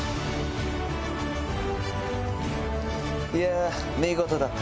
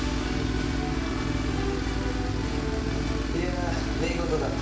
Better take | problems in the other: first | background sound (Tools); 4 dB above the speech // room echo; dies away in 0.4 s

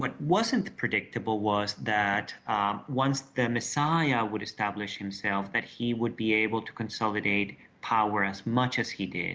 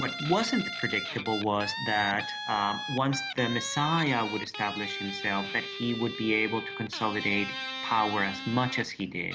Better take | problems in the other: first | background sound (Guitar); 7 dB below the speech

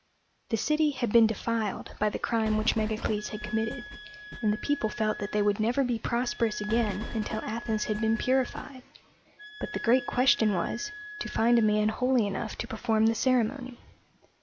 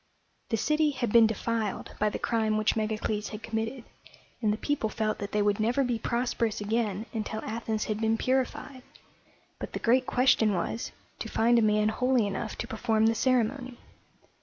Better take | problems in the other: second | background sound (Wind instrument, woodwind instrument + Train); 12 dB below the speech

